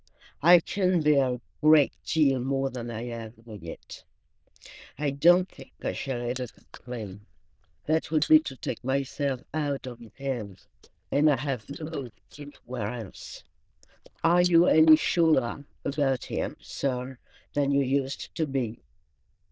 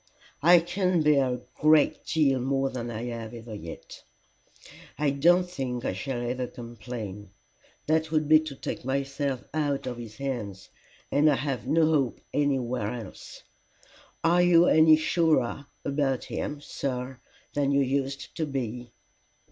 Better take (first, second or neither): second